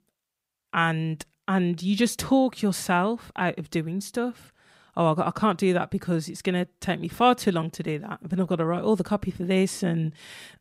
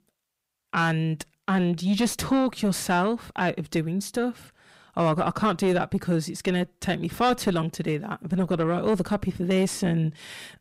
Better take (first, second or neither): first